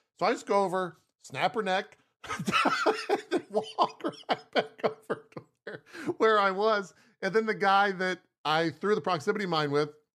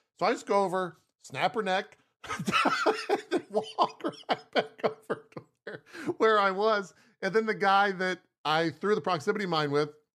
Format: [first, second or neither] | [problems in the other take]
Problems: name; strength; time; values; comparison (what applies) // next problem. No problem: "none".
neither | none